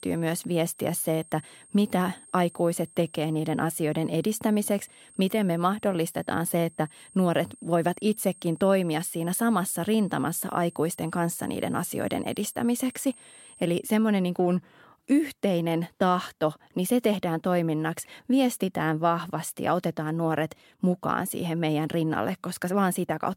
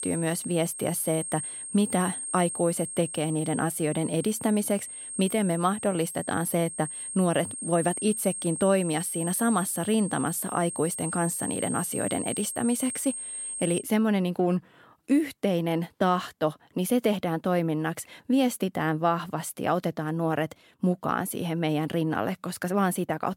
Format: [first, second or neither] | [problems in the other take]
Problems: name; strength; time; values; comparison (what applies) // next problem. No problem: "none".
first | high-pitched whine; loud; until 14 s; 8.5 kHz, 6 dB below the speech; faint in the first